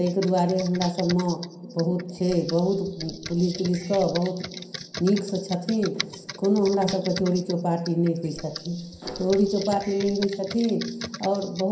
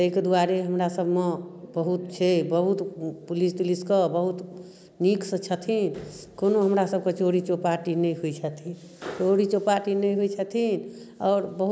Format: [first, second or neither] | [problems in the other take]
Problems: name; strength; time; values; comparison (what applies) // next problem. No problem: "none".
second | background sound (Computer keyboard); 14 dB below the speech // room echo; dies away in 0.5 s